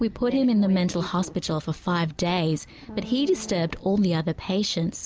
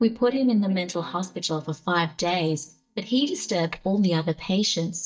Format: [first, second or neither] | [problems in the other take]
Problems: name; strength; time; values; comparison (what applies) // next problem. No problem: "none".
first | noise reduction (neural mask model DeepFilterNet 3)